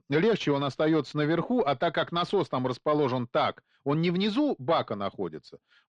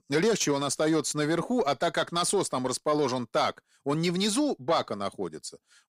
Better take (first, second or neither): second